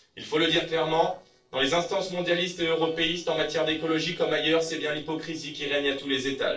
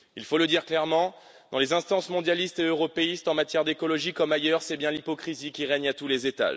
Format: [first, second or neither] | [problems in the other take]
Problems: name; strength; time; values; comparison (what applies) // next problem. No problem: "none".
second | noise reduction (neural separator model SepFormer DNS4)